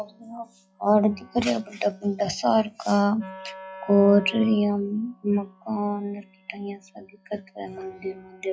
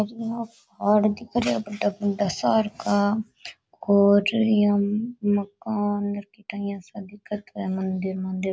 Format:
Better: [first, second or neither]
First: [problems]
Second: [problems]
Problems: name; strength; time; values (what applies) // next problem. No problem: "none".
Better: second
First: noise reduction (classical method log-MMSE)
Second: none